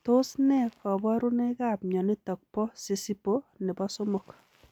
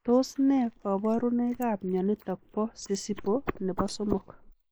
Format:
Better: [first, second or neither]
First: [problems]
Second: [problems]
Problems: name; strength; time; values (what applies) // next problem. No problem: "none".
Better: first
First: none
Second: noise reduction (neural mask model Resemble Enhance denoiser)